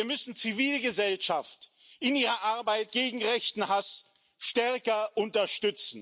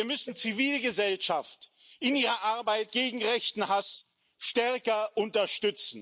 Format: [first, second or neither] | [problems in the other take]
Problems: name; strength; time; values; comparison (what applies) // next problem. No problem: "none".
first | noise reduction (neural mask model Resemble Enhance denoiser)